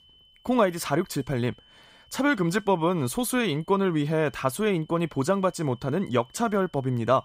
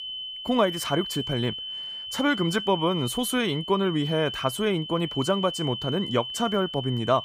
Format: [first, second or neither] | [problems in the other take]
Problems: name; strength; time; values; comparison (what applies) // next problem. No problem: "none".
first | high-pitched whine; loud; throughout; 3 kHz, 6 dB below the speech; faint in the first